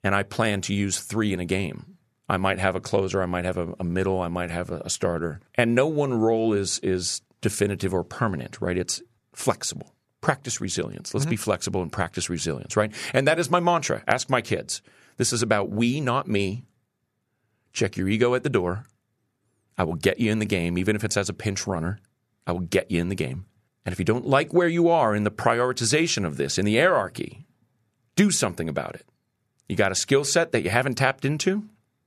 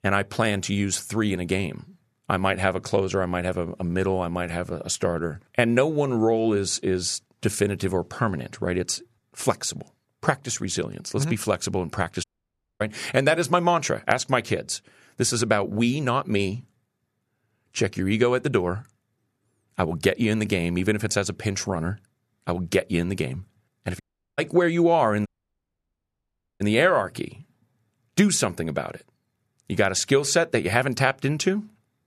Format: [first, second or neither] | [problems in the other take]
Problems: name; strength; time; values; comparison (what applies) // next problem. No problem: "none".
first | audio cutting out; at 12 s for 0.5 s, at 24 s and at 25 s for 1.5 s